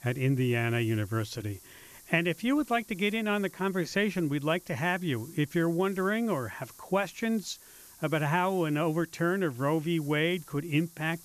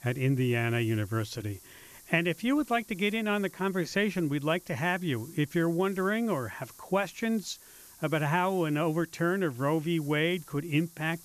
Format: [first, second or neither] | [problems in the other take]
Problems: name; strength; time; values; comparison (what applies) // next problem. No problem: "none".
neither | hiss; faint; throughout; 20 dB below the speech; the same in both